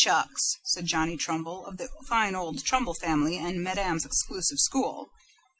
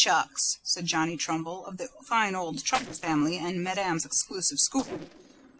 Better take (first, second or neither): first